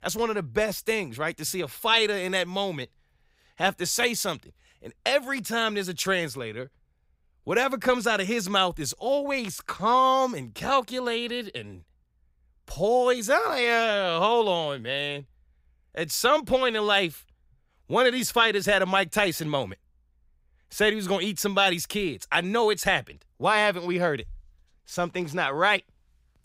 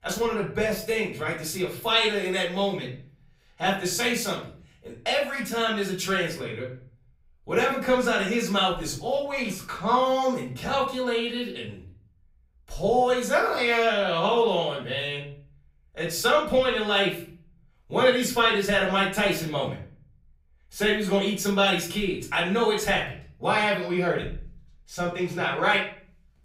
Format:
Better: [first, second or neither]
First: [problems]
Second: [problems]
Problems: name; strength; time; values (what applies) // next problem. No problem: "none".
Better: first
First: none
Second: room echo; slight; dies away in 0.4 s // off-mic speech; far